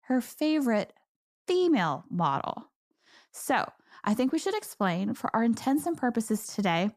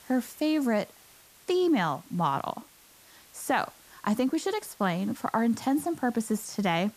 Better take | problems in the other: first | hiss; faint; throughout; 25 dB below the speech

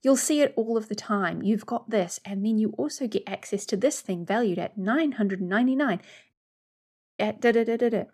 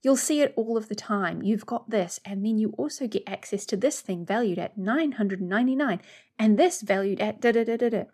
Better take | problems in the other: second | audio cutting out; at 6.5 s for 1 s

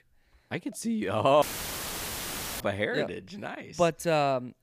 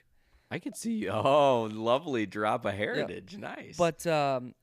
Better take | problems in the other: second | audio cutting out; filled with static; at 1.5 s for 1 s

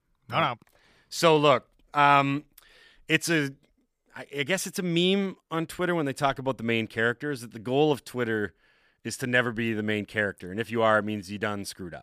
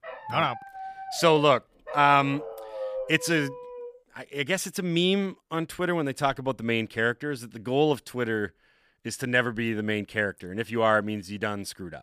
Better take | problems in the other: first | dog barking; noticeable; until 4 s; peak 7 dB below the speech

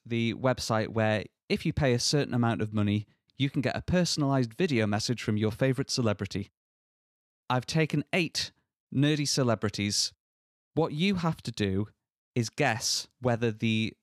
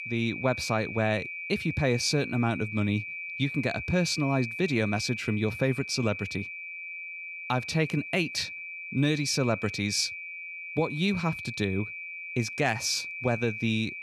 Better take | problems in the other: first | high-pitched whine; loud; throughout; 2.5 kHz, 7 dB below the speech

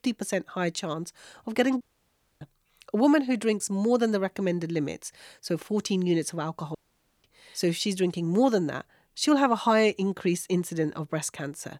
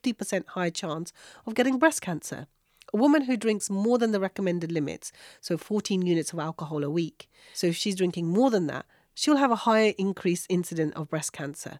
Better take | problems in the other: second | audio cutting out; at 2 s for 0.5 s and at 7 s

